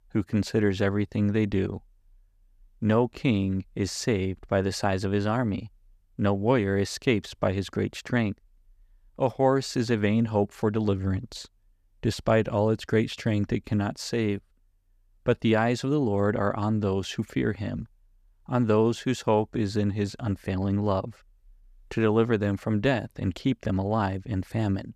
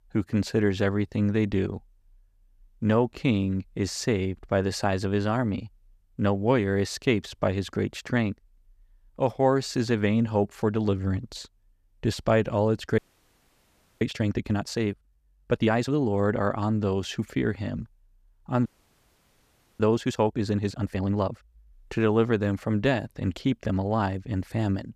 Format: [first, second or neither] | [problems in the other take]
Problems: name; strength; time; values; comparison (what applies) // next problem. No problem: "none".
first | audio freezing; at 13 s for 1 s and at 19 s for 1 s